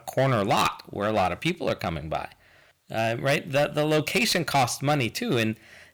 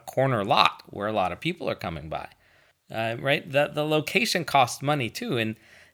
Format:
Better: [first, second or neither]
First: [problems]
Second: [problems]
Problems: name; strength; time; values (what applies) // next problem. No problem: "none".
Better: second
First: distortion; heavy; 8% of the sound clipped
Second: none